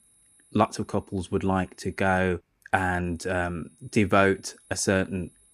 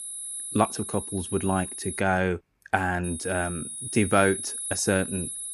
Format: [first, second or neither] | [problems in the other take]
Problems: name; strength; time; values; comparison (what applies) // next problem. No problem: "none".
first | high-pitched whine; loud; until 2 s and from 3 s on; 11 kHz, 6 dB below the speech; faint in the first